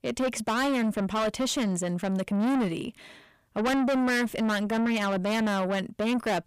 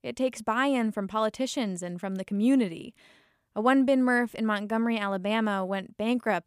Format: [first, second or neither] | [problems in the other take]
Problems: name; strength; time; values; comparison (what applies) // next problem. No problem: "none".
second | distortion; heavy; 6 dB below the speech